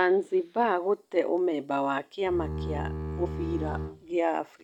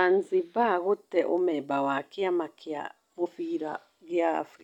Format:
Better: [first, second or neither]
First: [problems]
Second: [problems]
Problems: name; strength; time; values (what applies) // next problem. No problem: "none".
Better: second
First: background sound (Bowed string instrument); 6 dB below the speech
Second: none